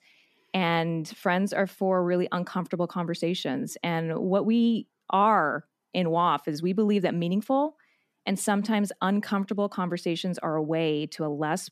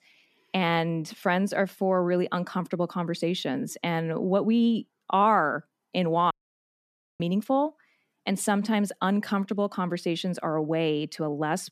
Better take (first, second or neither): first